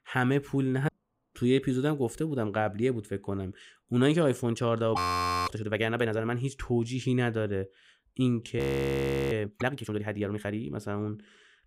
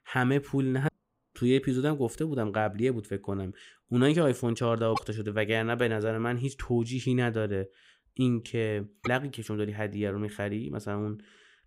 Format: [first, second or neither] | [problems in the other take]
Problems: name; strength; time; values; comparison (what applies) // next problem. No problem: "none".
second | audio freezing; at 5 s for 0.5 s and at 8.5 s for 0.5 s